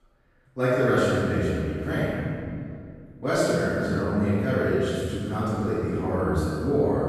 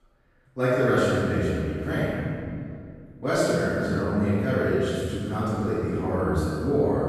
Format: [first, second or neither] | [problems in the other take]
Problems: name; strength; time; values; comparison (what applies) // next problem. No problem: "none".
neither | off-mic speech; far; the same in both // room echo; strong; dies away in 2.2 s; the same in both